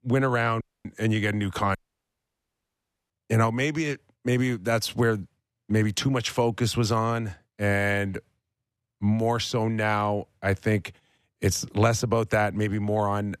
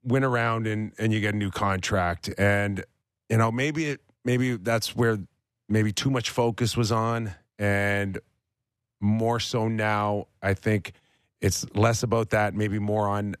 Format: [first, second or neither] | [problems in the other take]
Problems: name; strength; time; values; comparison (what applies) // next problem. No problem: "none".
second | audio cutting out; at 0.5 s and at 2 s for 1.5 s